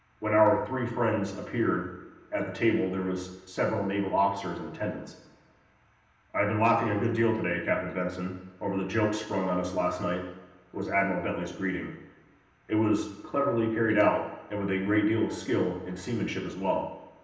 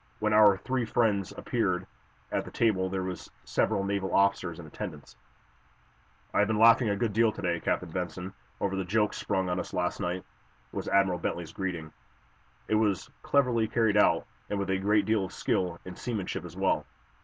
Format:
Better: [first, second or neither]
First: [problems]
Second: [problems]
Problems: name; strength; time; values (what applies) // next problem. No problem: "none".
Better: second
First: room echo; dies away in 0.9 s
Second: none